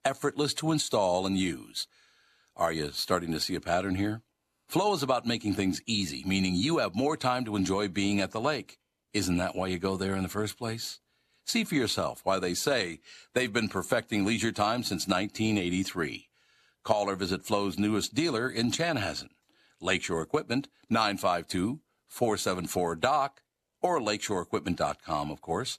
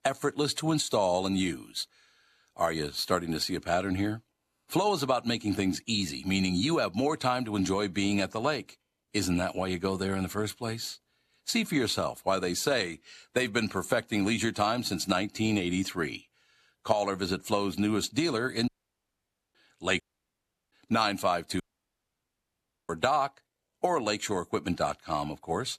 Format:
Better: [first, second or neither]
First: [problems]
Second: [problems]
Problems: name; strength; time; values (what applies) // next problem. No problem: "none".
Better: first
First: none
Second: audio cutting out; at 19 s for 1 s, at 20 s for 0.5 s and at 22 s for 1.5 s